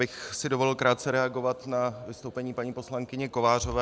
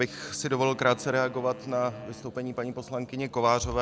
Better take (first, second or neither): first